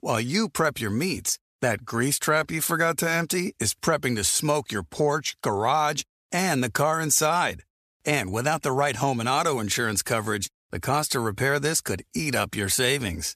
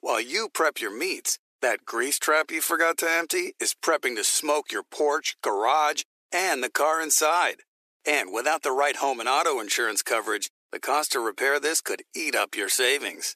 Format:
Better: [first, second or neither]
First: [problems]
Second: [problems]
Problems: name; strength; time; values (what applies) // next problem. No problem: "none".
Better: first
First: none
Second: thin; very; fading below 350 Hz